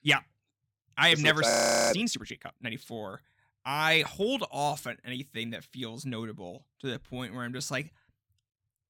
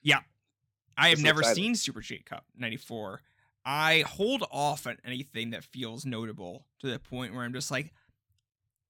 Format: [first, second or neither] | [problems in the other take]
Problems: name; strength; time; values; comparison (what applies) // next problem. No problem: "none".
second | audio freezing; at 1.5 s